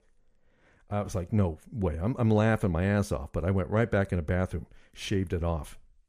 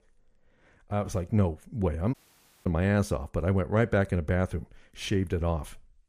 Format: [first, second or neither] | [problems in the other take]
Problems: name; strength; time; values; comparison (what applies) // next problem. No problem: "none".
first | audio cutting out; at 2 s for 0.5 s